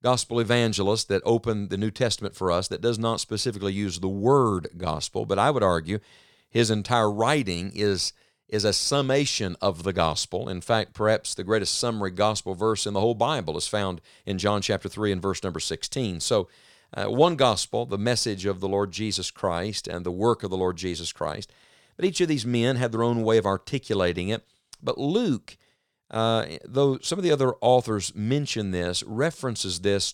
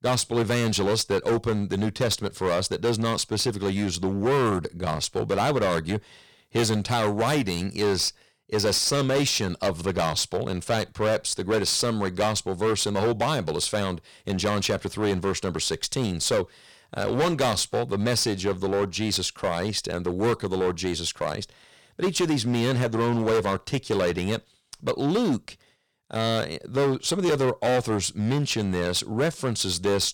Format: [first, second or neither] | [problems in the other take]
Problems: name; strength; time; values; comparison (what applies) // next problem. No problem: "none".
first | distortion; heavy; 13% of the sound clipped